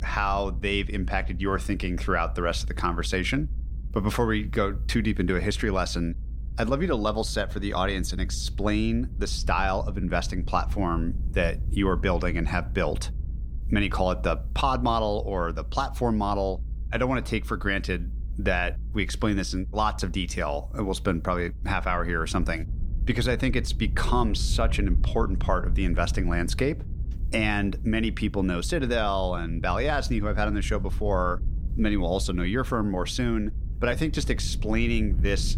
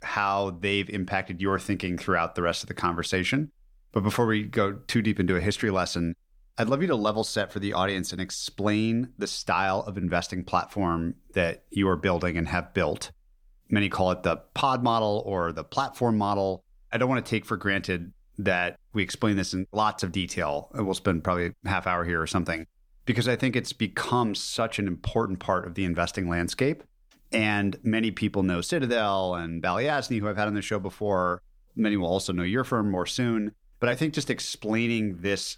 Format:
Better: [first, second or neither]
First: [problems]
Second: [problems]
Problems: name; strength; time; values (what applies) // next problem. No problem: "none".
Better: second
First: low rumble; faint; throughout; 20 dB below the speech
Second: none